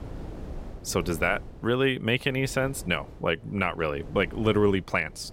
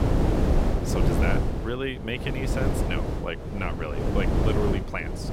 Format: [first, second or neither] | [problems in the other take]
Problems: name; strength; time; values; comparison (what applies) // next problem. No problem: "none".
first | wind noise on the microphone; heavy; as loud as the speech; occasional gusts in the first